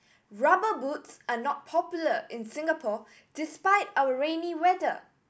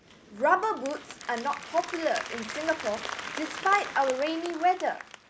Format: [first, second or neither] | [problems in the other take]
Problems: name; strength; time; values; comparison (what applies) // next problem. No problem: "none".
first | background sound (Applause); 10 dB below the speech